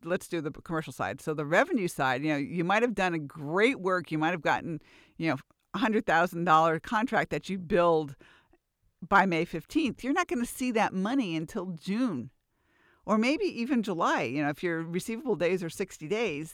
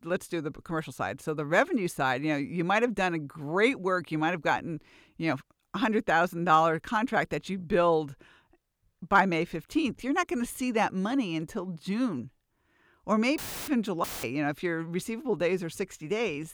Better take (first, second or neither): first